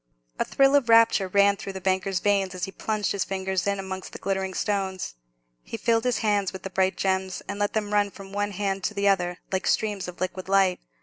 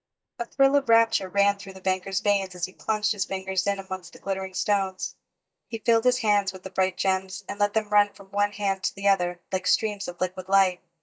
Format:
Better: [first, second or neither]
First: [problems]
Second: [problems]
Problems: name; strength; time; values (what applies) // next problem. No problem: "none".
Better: first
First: none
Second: noise reduction (neural mask model DeepFilterNet 3)